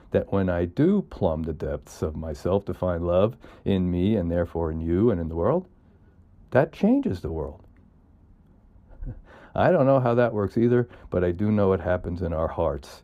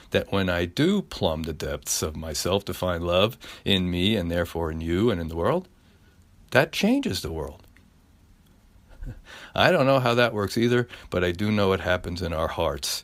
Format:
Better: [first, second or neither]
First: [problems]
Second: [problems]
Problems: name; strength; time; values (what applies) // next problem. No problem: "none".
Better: second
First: muffled; very; fading above 1.5 kHz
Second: none